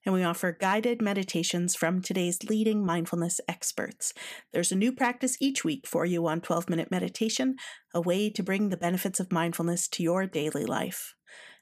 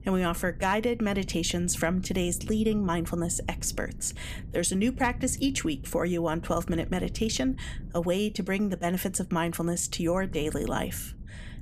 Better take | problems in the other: first | wind noise on the microphone; occasional gusts; 25 dB below the speech

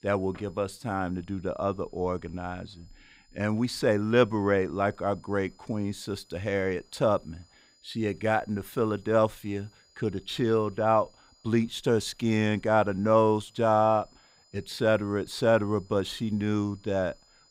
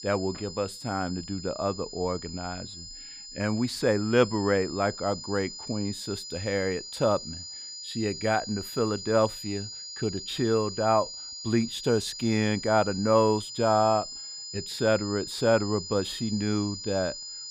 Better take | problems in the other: first | high-pitched whine; loud; throughout; 5 kHz, 10 dB below the speech; faint in the first

